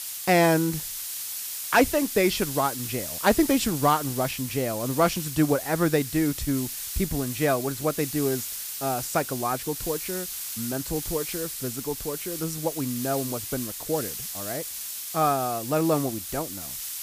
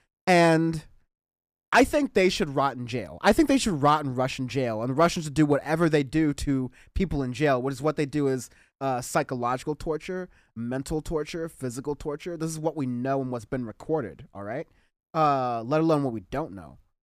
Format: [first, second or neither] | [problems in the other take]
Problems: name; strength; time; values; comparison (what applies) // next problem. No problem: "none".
second | hiss; loud; throughout; 6 dB below the speech